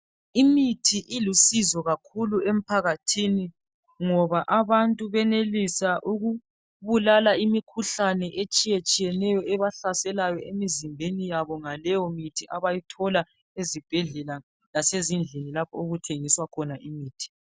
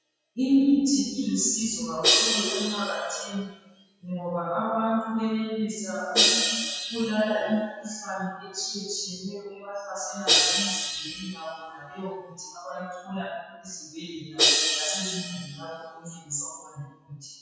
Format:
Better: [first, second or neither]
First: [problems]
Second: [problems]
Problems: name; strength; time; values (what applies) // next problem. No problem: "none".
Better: first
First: none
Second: noise reduction (classical method WPE with log-MMSE)